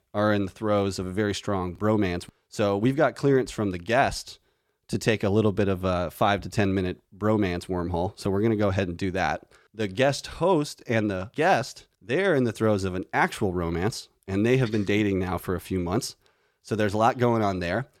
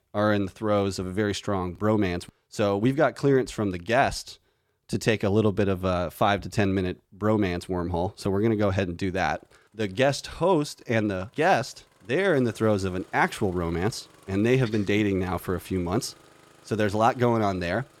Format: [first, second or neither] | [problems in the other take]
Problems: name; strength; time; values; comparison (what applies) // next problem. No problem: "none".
first | traffic noise; faint; throughout; 30 dB below the speech